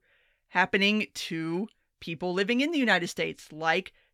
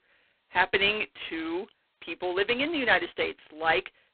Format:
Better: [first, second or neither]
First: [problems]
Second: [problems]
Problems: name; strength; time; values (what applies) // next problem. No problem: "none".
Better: first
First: none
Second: phone-call audio; poor line